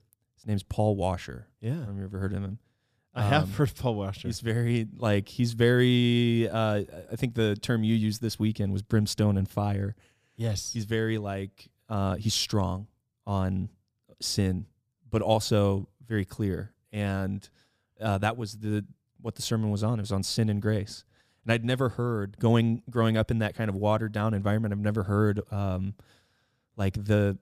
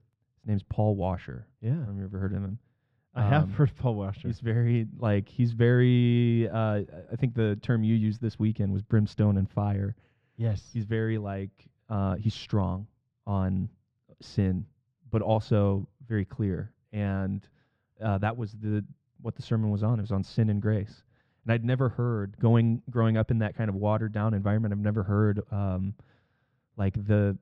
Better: first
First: none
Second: muffled; slightly; fading above 2.5 kHz

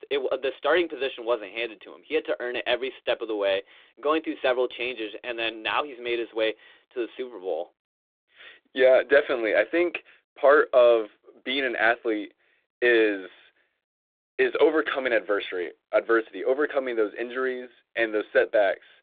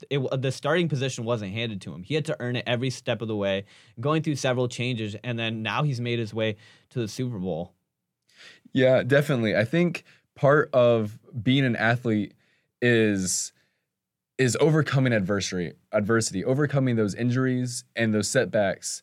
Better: second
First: phone-call audio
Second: none

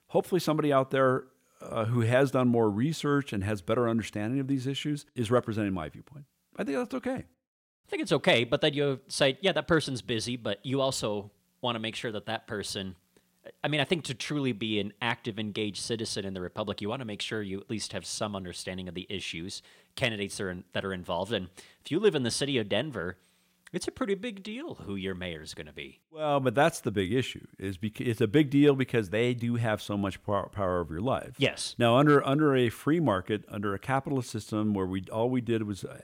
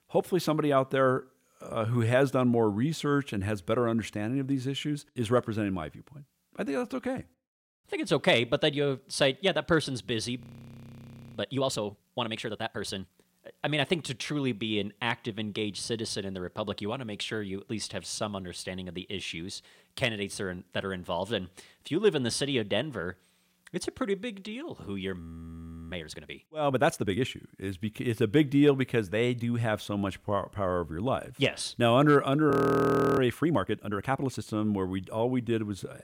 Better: first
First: none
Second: audio freezing; at 10 s for 1 s, at 25 s for 0.5 s and at 33 s for 0.5 s

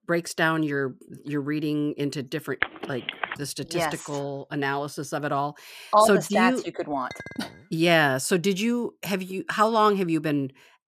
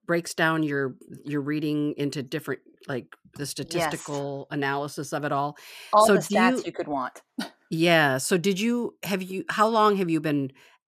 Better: second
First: phone ringing; noticeable; at 2.5 s; peak 5 dB below the speech // clattering dishes; faint; at 7 s; peak 15 dB below the speech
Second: none

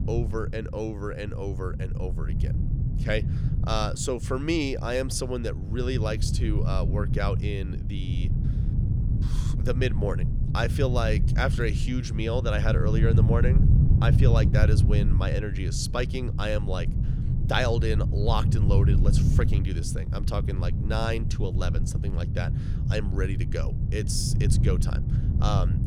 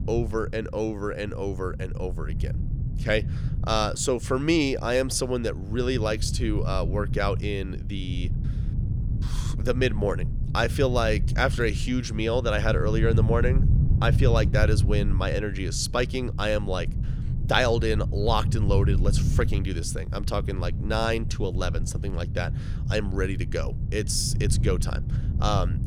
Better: second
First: wind noise on the microphone; heavy; 7 dB below the speech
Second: wind noise on the microphone; occasional gusts; 15 dB below the speech

